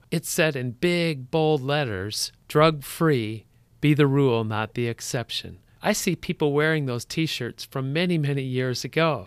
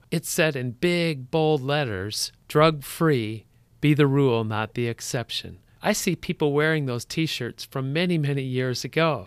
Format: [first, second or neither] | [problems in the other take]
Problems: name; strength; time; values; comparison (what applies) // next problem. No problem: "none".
neither | none